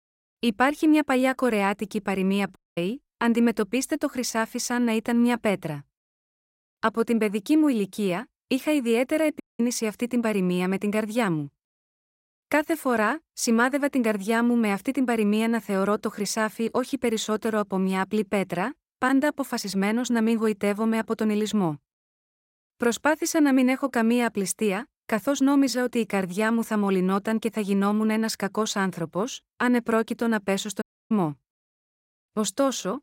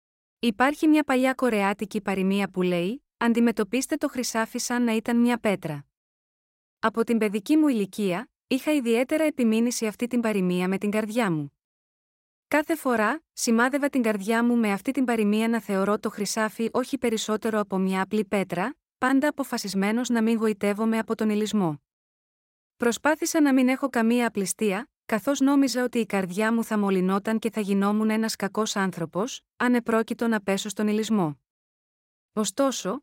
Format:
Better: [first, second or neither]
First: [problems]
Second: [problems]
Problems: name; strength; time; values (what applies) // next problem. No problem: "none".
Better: second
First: audio cutting out; at 2.5 s, at 9.5 s and at 31 s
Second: none